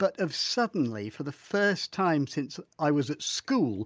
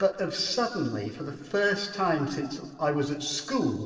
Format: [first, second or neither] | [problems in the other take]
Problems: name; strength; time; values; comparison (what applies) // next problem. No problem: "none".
first | noise reduction (neural separator model SepFormer DNS4)